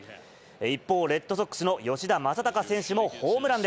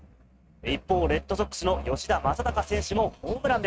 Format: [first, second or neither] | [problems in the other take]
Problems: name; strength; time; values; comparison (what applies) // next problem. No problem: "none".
first | noise reduction (neural mask model RNNoise)